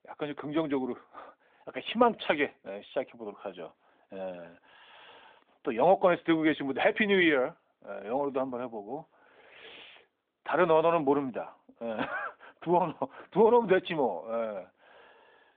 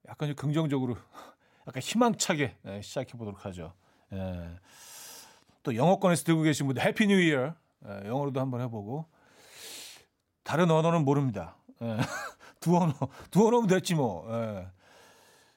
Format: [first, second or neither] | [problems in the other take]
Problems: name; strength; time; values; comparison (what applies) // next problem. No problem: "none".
second | phone-call audio; nothing above 3.5 kHz